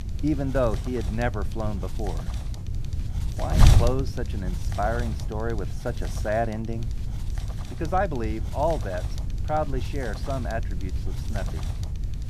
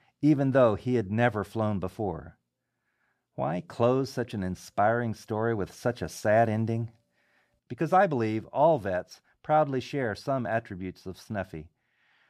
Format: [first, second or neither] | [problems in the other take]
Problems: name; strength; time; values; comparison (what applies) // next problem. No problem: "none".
second | wind noise on the microphone; heavy; 10 dB below the speech